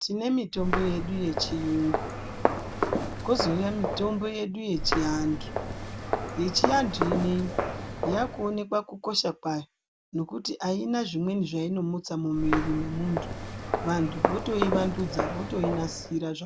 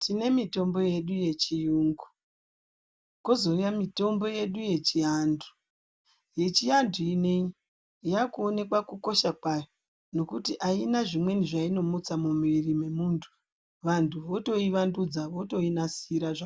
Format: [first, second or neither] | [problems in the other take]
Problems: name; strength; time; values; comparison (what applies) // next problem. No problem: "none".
second | background sound (Walk, footsteps); 2 dB below the speech